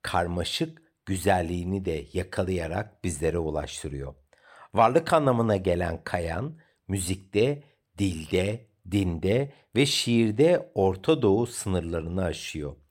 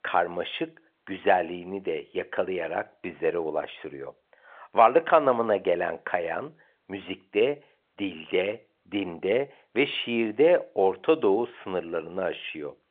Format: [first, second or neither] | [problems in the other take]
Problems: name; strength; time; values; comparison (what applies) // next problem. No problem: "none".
first | phone-call audio